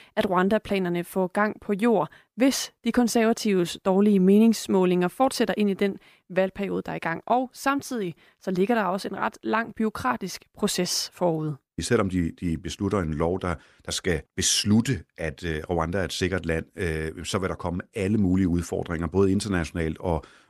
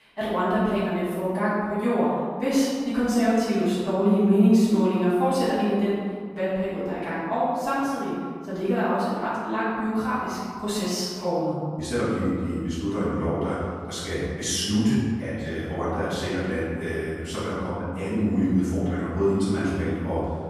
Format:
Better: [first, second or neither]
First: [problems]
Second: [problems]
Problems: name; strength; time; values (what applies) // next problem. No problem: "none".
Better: first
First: none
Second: off-mic speech; far // room echo; strong; dies away in 1.8 s